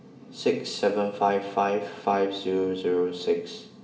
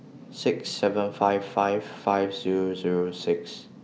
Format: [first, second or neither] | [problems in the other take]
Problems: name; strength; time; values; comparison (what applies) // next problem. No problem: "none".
second | room echo; dies away in 0.8 s